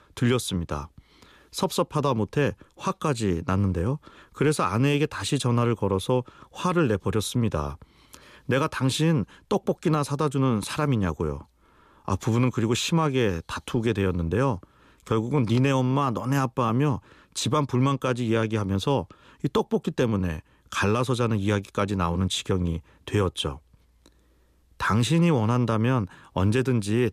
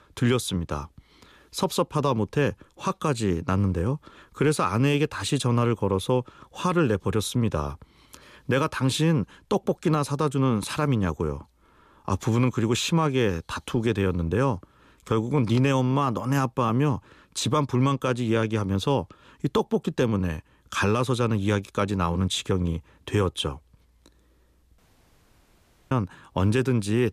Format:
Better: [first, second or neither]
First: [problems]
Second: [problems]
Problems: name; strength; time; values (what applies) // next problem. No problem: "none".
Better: first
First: none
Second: audio cutting out; at 25 s for 1 s